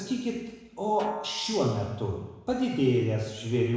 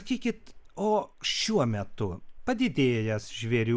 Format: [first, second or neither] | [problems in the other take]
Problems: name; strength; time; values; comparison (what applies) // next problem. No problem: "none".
second | background sound (Snare drum); 17 dB below the speech // room echo; dies away in 1 s